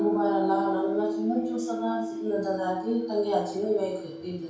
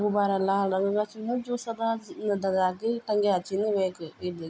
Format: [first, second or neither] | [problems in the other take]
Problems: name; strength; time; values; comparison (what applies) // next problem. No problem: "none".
second | background sound (Piano); 4 dB below the speech // room echo; dies away in 0.5 s